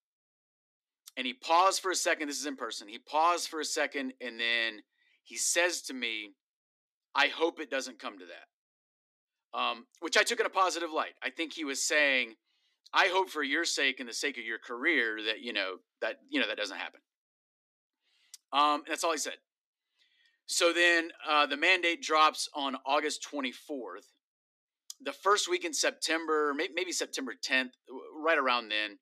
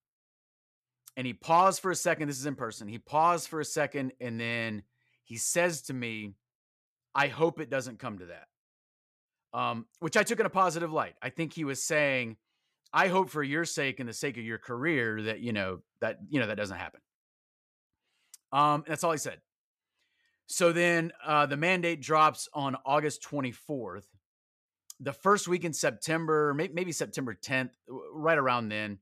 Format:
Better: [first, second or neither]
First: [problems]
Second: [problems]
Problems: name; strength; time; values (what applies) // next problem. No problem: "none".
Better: second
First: thin; very slightly; fading below 250 Hz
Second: none